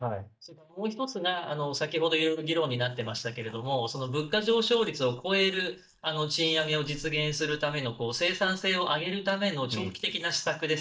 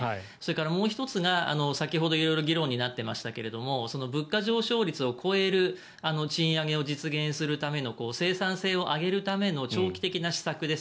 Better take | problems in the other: second | noise reduction (neural mask model DeepFilterNet 3)

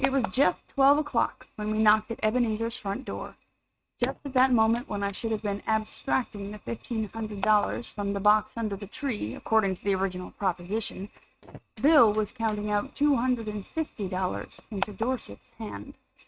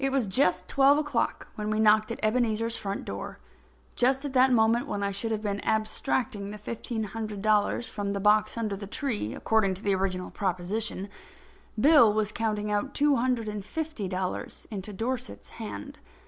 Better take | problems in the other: second | noise reduction (neural mask model RNNoise)

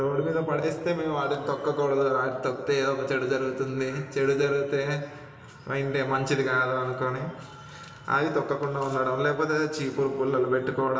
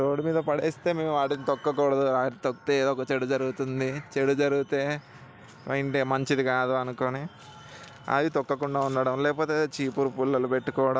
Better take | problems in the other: second | room echo; dies away in 1.4 s

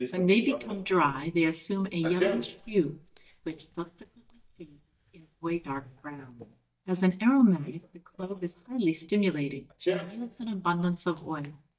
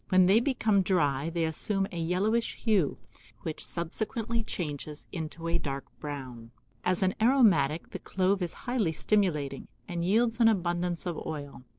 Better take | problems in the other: second | noise reduction (neural mask model DeepFilterNet 3)

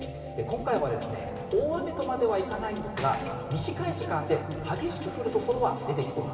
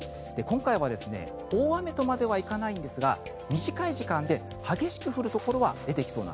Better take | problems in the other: second | background sound (Sliding door / Slam); 18 dB below the speech // room echo; dies away in 2.8 s

